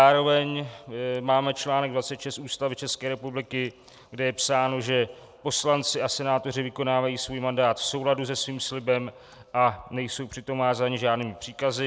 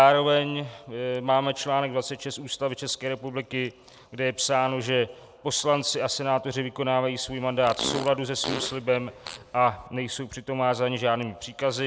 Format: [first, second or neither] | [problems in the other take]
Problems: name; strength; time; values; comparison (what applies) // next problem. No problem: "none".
first | background sound (Fart); 10 dB below the speech